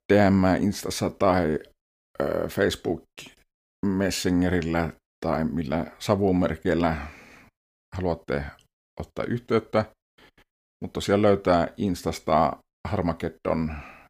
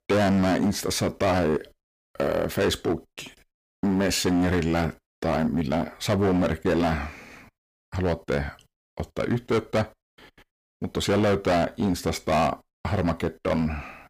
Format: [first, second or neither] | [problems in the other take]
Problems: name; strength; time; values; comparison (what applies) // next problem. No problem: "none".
first | distortion; heavy; 12% of the sound clipped